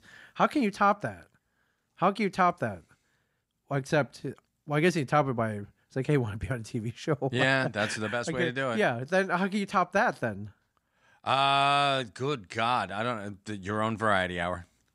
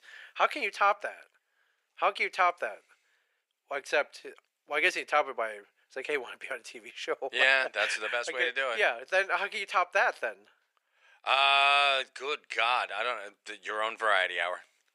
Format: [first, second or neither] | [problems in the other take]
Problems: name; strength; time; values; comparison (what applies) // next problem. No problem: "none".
first | thin; very; fading below 450 Hz